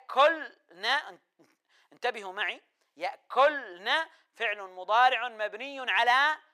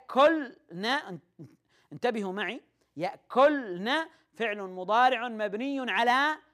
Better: second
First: thin; very; fading below 700 Hz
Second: none

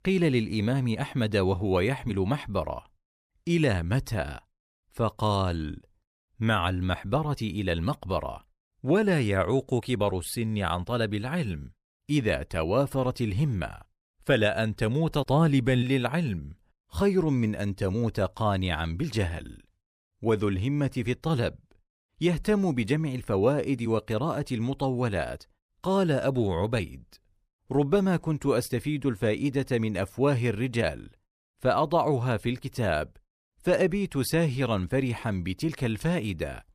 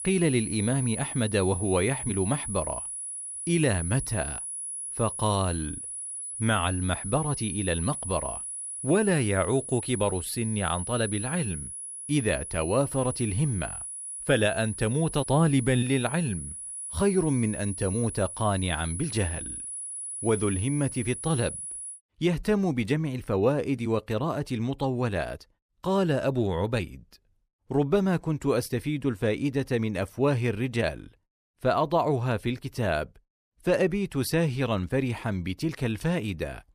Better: first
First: none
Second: high-pitched whine; loud; until 22 s; 10 kHz, 6 dB below the speech

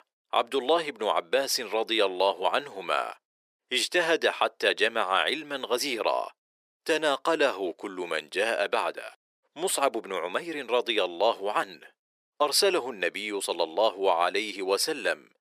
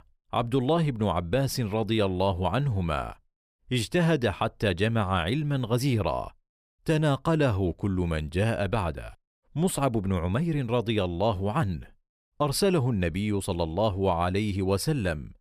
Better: second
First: thin; very; fading below 400 Hz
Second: none

